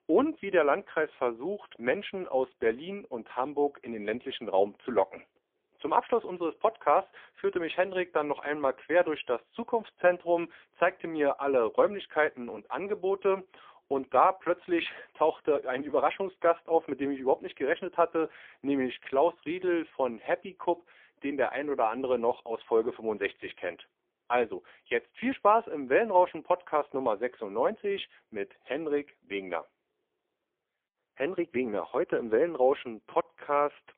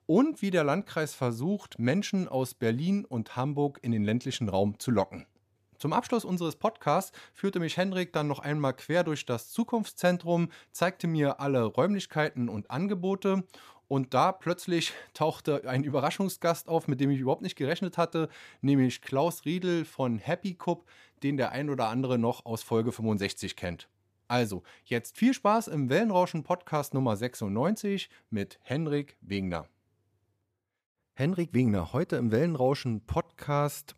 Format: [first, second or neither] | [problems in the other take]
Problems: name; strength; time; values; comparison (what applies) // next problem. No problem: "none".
second | phone-call audio; poor line; nothing above 3.5 kHz